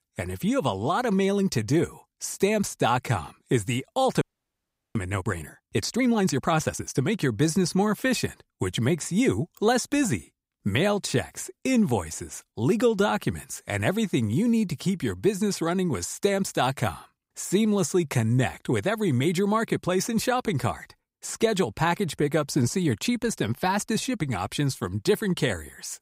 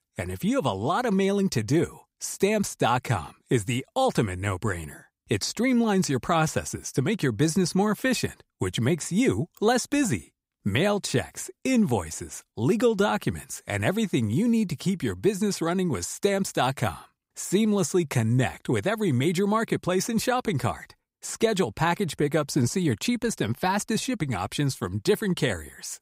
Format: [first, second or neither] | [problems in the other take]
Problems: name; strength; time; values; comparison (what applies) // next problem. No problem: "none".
second | audio freezing; at 4 s for 0.5 s